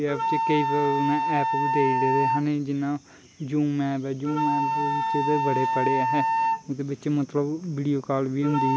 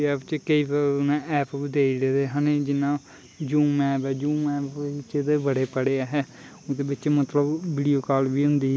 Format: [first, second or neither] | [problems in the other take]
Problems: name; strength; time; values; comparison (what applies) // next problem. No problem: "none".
second | background sound (Wind instrument, woodwind instrument); as loud as the speech